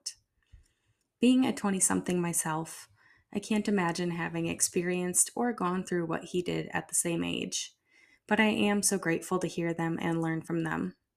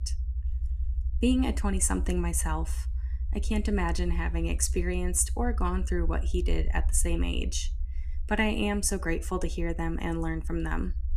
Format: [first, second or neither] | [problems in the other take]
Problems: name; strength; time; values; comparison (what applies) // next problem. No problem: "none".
first | low rumble; faint; throughout; 20 dB below the speech